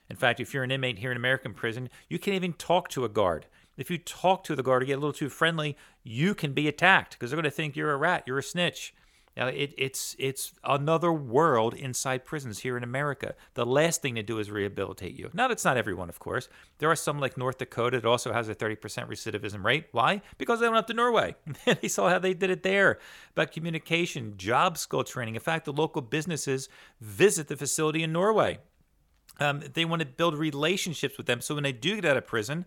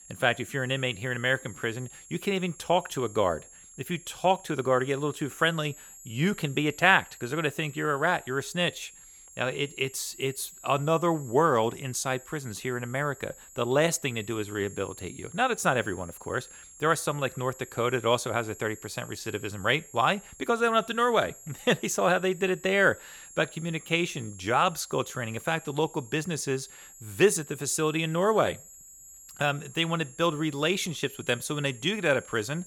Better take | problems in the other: first | high-pitched whine; noticeable; throughout; 7.5 kHz, 20 dB below the speech

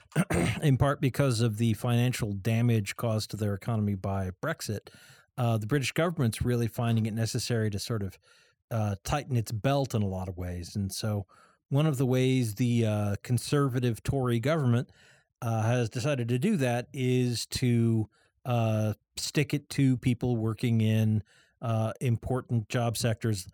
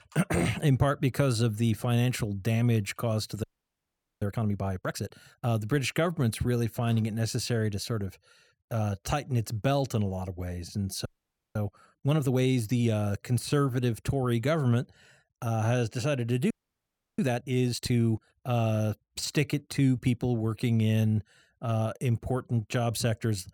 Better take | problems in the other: first | audio freezing; at 3.5 s for 1 s, at 11 s and at 17 s for 0.5 s

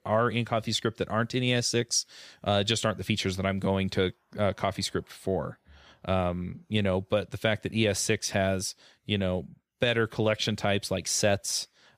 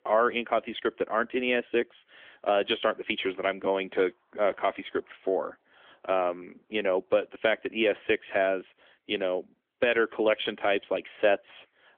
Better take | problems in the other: first | phone-call audio; nothing above 3.5 kHz

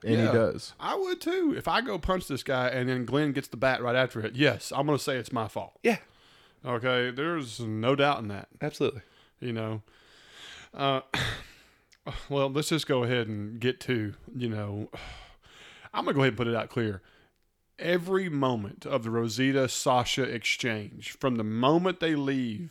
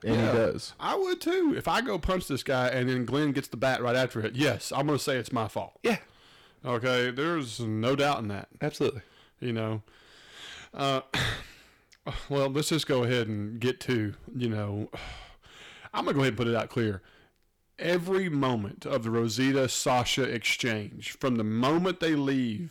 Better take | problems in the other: first | distortion; slight; 6% of the sound clipped

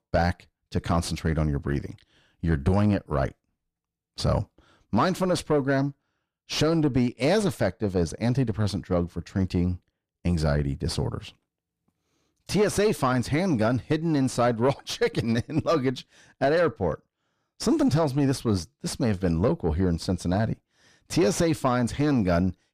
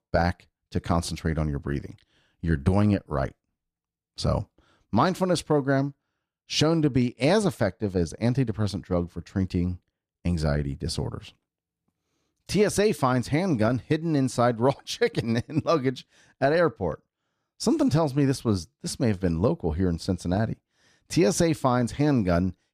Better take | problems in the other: second | distortion; slight; 10 dB below the speech

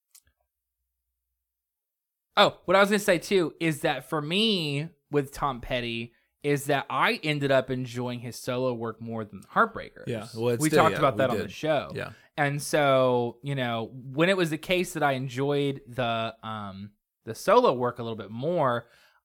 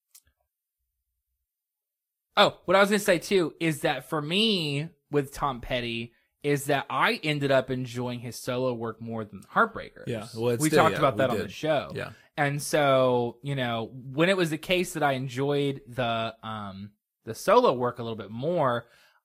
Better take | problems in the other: first | garbled, watery; slightly; nothing above 15 kHz

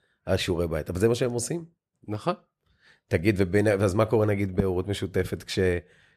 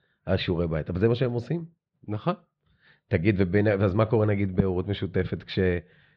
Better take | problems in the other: first | muffled; slightly; fading above 4 kHz

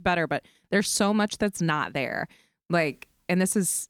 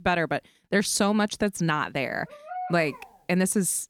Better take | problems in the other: first | dog barking; noticeable; at 2.5 s; peak 10 dB below the speech

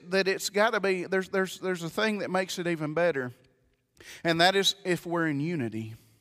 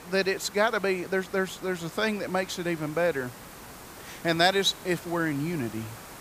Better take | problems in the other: first | hiss; noticeable; throughout; 15 dB below the speech

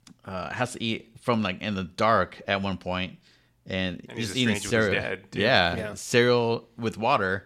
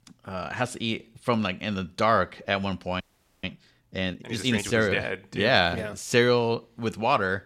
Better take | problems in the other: first | audio freezing; at 3 s

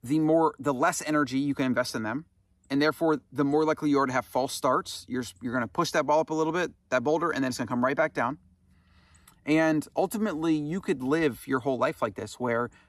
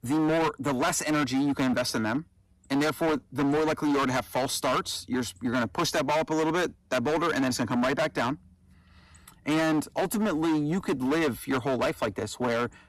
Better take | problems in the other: first | distortion; heavy; 22% of the sound clipped

